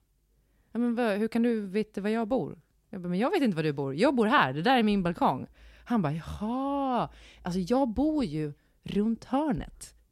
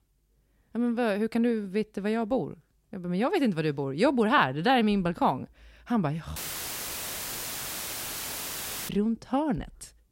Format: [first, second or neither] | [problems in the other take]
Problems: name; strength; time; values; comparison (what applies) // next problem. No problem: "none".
first | audio cutting out; filled with static; at 6.5 s for 2.5 s